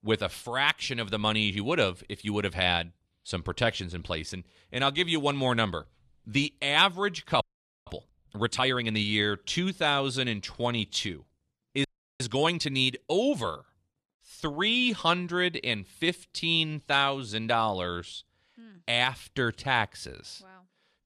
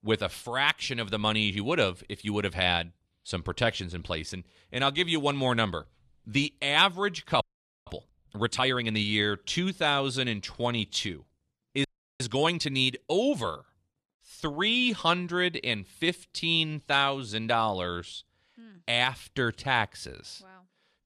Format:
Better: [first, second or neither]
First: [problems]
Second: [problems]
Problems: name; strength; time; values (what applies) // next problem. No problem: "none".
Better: neither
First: audio freezing; at 7.5 s and at 12 s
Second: audio freezing; at 7.5 s and at 12 s